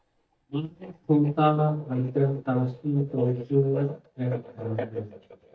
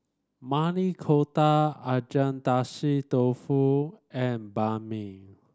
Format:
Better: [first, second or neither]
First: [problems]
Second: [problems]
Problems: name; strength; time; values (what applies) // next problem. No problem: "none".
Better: second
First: noise reduction (neural mask model DeepFilterNet 3)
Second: none